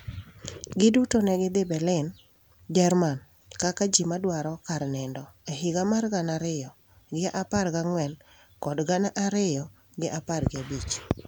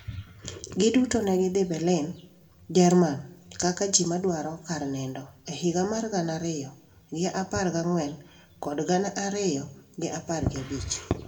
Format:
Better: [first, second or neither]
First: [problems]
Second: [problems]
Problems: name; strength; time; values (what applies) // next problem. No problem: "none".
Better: first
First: none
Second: room echo; dies away in 0.5 s